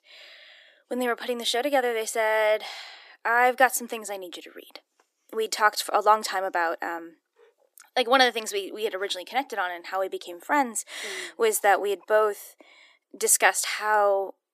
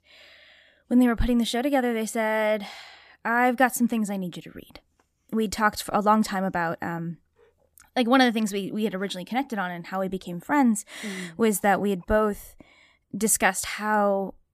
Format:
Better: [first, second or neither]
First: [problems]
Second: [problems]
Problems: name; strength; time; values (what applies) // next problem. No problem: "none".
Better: second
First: thin; very; fading below 350 Hz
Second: none